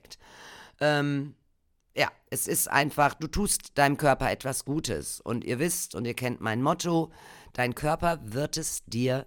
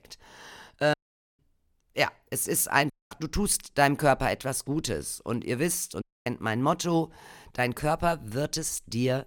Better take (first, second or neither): first